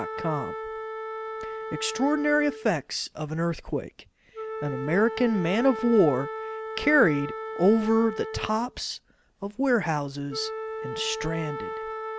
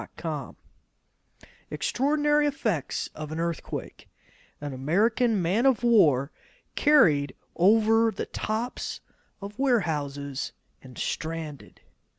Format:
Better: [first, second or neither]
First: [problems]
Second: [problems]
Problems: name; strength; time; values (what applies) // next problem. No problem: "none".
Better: second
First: background sound (Wind instrument, woodwind instrument); 9 dB below the speech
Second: none